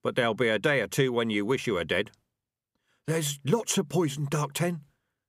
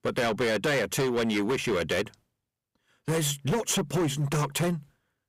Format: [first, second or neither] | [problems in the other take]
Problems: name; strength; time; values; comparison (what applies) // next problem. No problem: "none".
first | distortion; heavy; 16% of the sound clipped